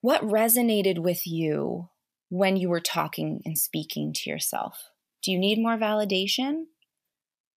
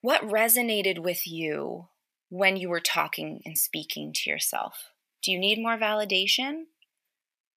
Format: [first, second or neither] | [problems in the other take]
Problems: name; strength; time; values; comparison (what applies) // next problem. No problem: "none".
first | thin; very slightly; fading below 1 kHz